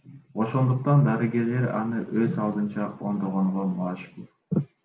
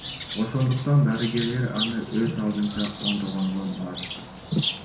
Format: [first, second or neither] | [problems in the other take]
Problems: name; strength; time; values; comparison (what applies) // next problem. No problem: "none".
first | background sound (Bird); 9 dB below the speech // room echo; dies away in 1.2 s